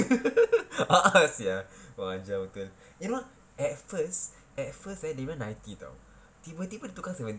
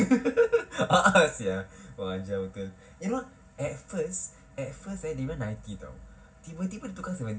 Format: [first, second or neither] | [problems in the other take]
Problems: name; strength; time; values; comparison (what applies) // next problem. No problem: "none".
first | room echo; dies away in 0.4 s